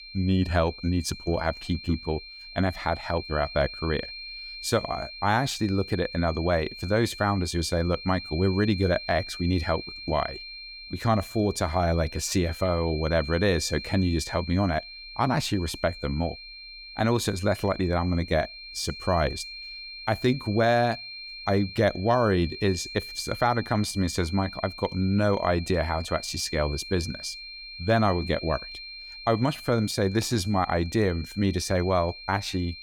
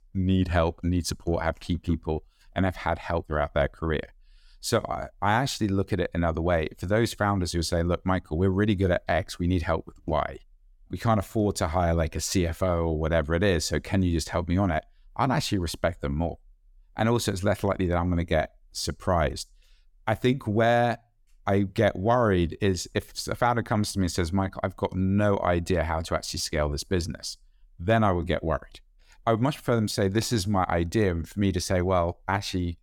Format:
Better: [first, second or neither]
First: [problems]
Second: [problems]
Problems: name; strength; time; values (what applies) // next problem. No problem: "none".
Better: second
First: high-pitched whine; noticeable; throughout; 4 kHz, 10 dB below the speech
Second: none